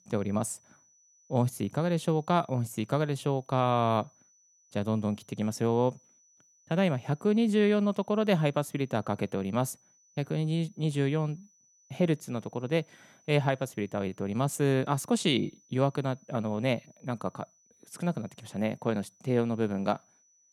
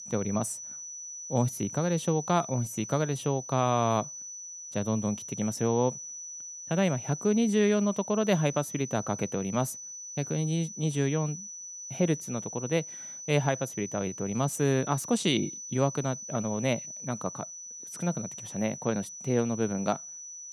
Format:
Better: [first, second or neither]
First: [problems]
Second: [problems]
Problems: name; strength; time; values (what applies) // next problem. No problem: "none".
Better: first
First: high-pitched whine; faint; throughout; 6 kHz, 30 dB below the speech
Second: high-pitched whine; loud; throughout; 6 kHz, 9 dB below the speech